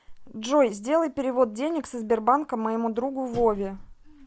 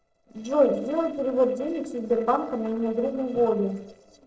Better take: first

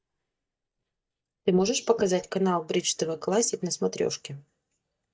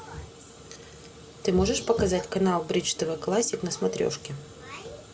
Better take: second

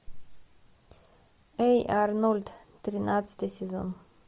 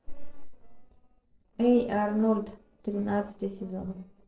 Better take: first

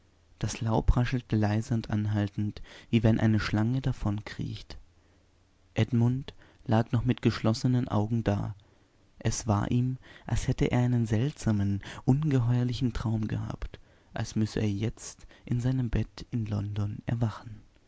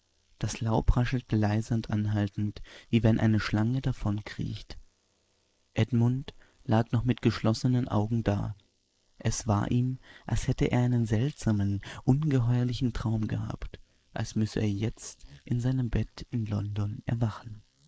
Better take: first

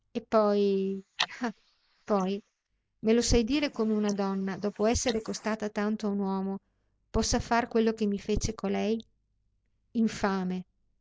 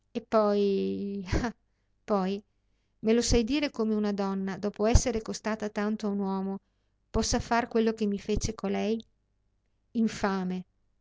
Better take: second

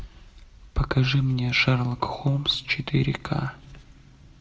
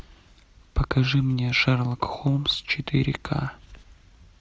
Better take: second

